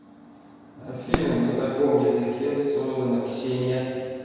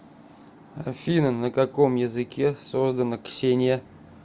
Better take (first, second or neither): second